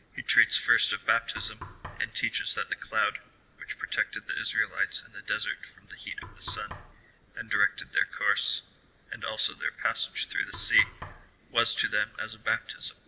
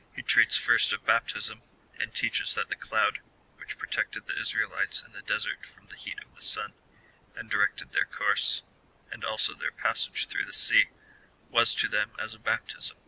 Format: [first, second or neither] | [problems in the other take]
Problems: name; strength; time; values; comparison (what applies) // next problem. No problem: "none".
second | background sound (Knock); 17 dB below the speech // room echo; dies away in 0.6 s